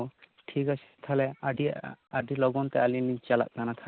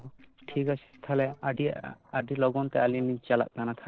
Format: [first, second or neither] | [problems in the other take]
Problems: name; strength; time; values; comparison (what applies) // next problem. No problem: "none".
first | noise reduction (neural separator model SepFormer DNS4)